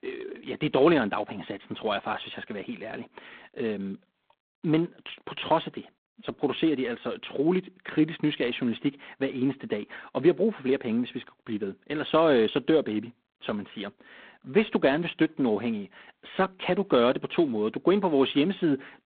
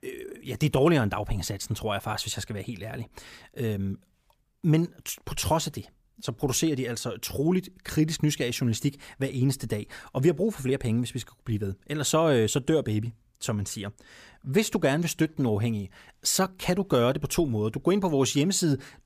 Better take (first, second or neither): second